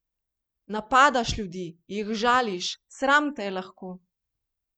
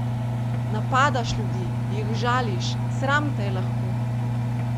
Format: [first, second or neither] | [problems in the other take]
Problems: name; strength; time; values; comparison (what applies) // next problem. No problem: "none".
first | background sound (Engine); 4 dB above the speech